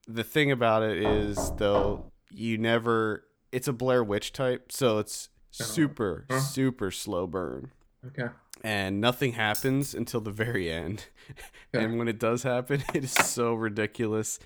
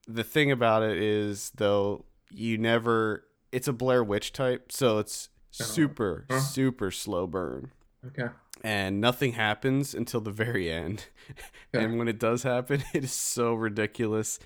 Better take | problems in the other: second | door banging; noticeable; from 1 to 2 s; peak 3 dB below the speech // jangling keys; noticeable; at 9.5 s; peak 6 dB below the speech // phone ringing; loud; at 13 s; peak 2 dB above the speech

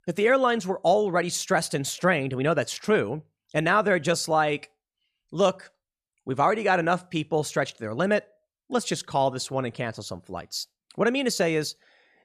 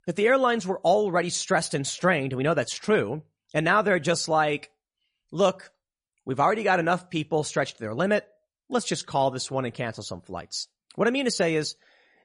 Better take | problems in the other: first | garbled, watery; slightly; nothing above 10.5 kHz

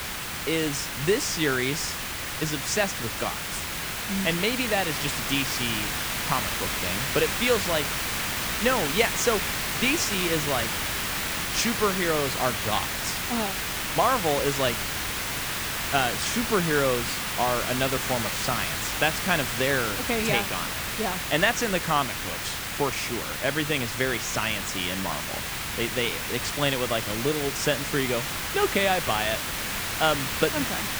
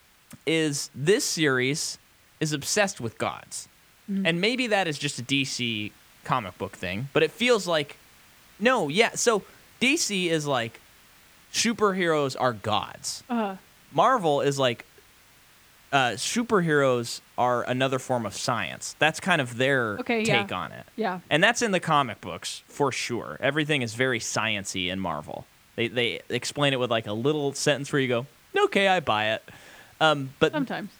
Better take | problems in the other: second | hiss; loud; throughout; 1 dB below the speech; faint in the second

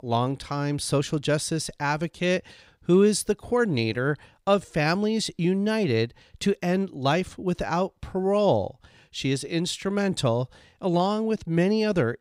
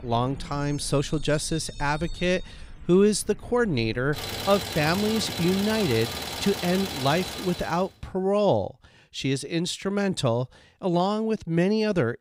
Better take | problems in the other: first | traffic noise; loud; until 7.5 s; 8 dB below the speech

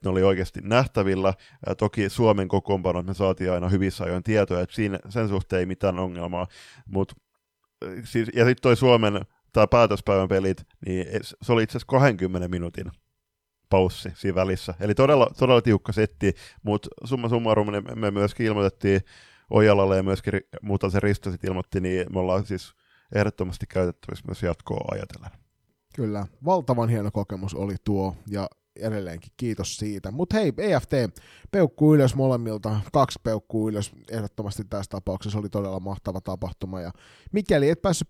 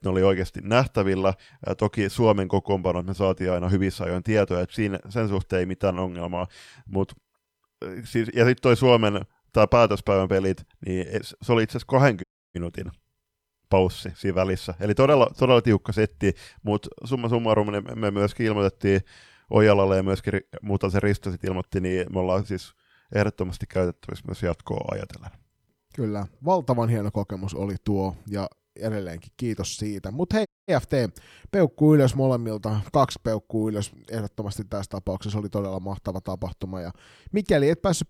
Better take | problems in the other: first | audio cutting out; at 12 s and at 30 s

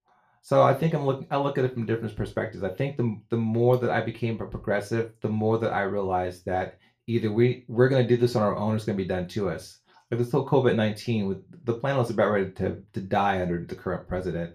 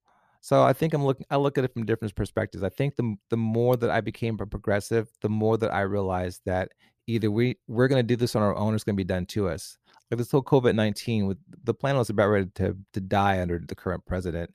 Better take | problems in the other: second | room echo; very slight; dies away in 0.3 s // off-mic speech; somewhat distant

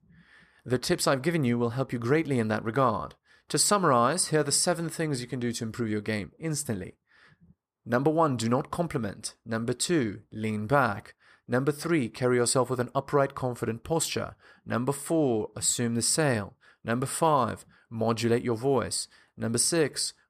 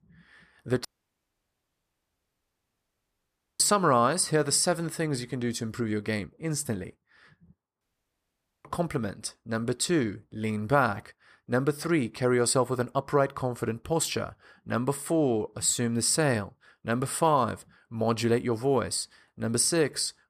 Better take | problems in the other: first | audio cutting out; at 1 s for 3 s and at 8 s for 1 s

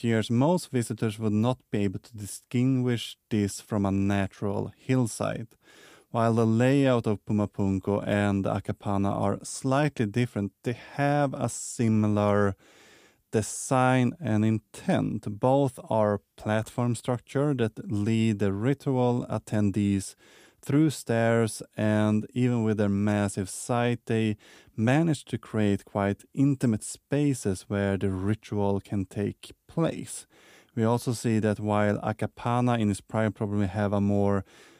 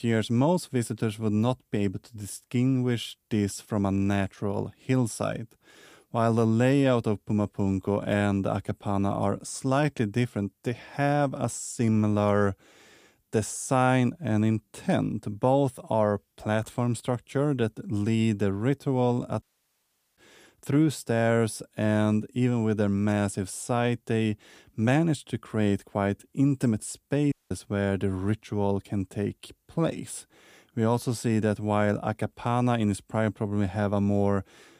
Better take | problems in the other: first | audio cutting out; at 19 s for 1 s and at 27 s

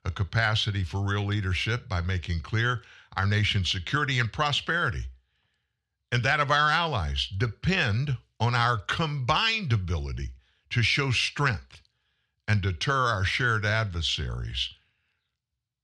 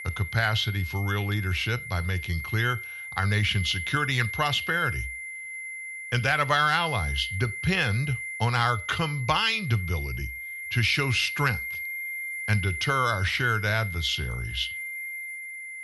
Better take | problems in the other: first | high-pitched whine; loud; throughout; 2 kHz, 7 dB below the speech

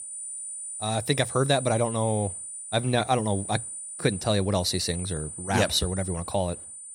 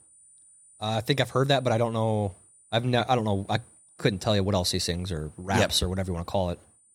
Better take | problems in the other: second | high-pitched whine; loud; throughout; 9 kHz, 8 dB below the speech; faint in the second

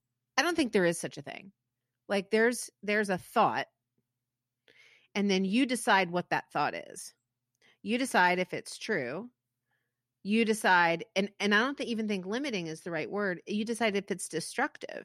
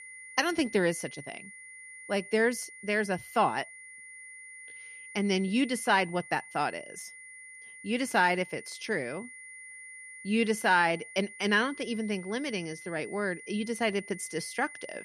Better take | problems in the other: first | high-pitched whine; noticeable; throughout; 2 kHz, 15 dB below the speech

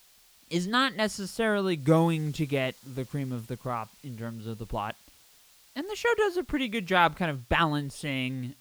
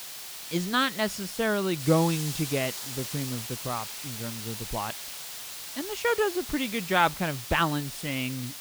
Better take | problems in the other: first | hiss; loud; throughout; 7 dB below the speech; faint in the first

